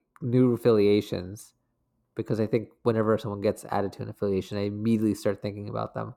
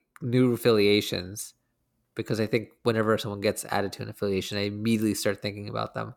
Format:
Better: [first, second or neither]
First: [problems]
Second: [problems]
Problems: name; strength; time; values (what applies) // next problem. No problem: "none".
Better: second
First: muffled; slightly; fading above 1 kHz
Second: none